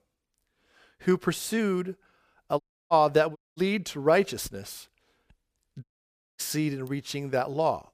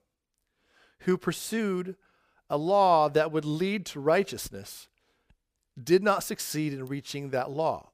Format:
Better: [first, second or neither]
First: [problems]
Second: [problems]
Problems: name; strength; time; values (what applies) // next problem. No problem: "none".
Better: second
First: audio cutting out; at 2.5 s, at 3.5 s and at 6 s for 0.5 s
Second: none